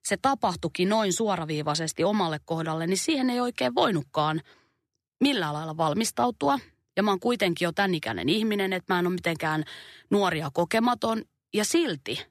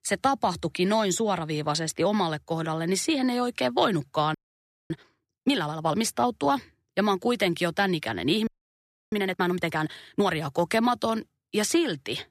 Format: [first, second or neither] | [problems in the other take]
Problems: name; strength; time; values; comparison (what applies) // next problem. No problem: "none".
first | audio freezing; at 4.5 s for 0.5 s and at 8.5 s for 0.5 s